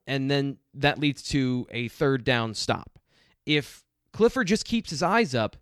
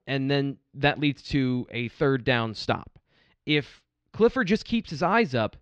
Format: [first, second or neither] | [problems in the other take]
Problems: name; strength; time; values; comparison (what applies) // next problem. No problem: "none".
first | muffled; very slightly; fading above 4 kHz